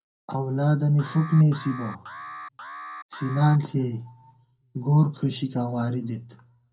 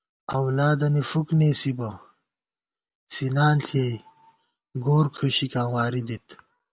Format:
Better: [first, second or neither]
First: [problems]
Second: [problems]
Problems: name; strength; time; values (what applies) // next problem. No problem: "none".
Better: second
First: background sound (Alarm); 15 dB below the speech // room echo; dies away in 0.3 s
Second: none